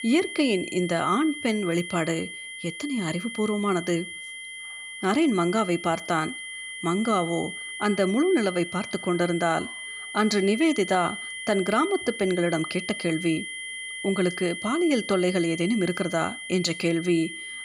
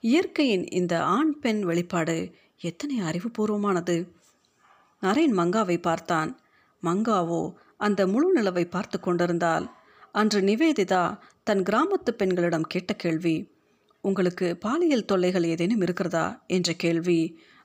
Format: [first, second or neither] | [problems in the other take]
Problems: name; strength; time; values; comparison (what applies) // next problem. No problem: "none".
second | high-pitched whine; loud; throughout; 2 kHz, 9 dB below the speech